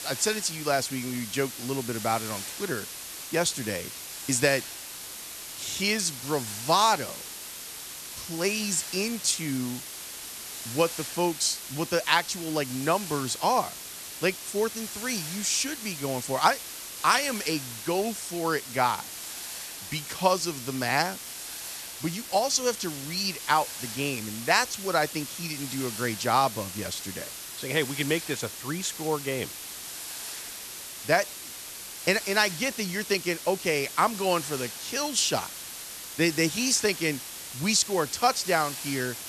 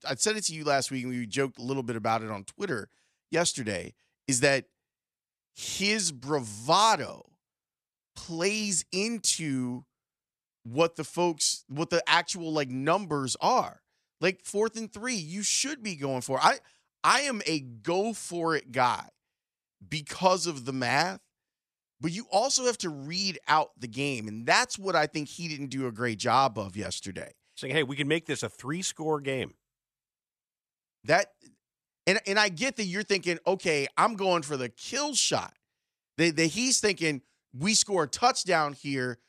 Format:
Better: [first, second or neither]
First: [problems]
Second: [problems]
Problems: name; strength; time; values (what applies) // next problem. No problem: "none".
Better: second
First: hiss; loud; throughout; 9 dB below the speech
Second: none